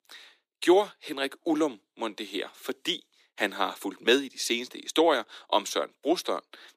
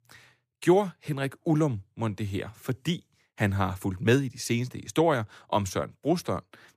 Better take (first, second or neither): second